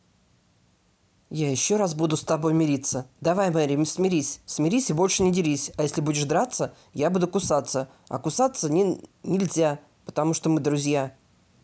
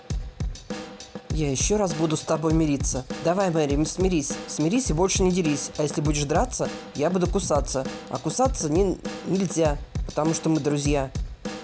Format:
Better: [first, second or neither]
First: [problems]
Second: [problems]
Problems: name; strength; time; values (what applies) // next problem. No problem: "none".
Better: first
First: none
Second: background sound (Drum / Drum kit); 7 dB below the speech